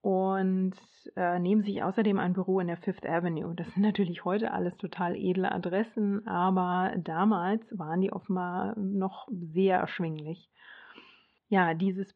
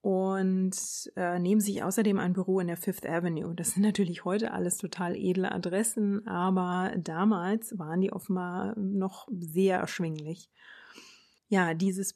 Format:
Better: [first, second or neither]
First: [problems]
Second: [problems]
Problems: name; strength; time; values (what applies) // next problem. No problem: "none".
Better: second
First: muffled; very; fading above 3.5 kHz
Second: none